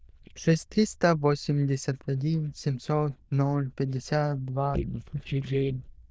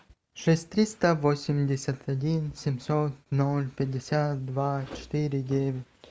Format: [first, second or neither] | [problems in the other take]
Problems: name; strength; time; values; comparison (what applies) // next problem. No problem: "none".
second | noise reduction (neural diffusion model UNIVERSE++)